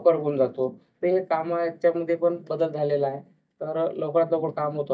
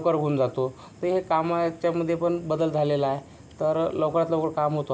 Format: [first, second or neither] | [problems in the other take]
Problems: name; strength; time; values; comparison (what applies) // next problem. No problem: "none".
second | noise reduction (neural mask model DeepFilterNet 3)